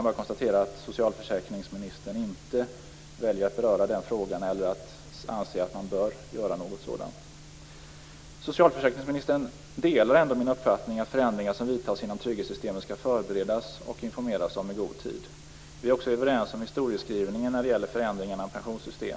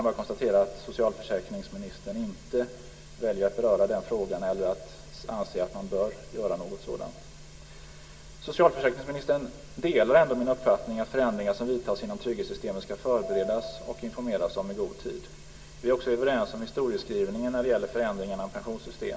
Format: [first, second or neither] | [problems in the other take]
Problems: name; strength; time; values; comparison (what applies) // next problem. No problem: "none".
first | background sound (Piano); 12 dB below the speech // room echo; dies away in 1.9 s